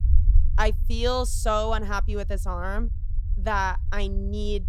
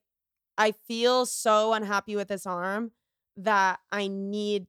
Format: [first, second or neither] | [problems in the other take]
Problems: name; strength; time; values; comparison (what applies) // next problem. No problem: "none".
second | low rumble; faint; throughout; 20 dB below the speech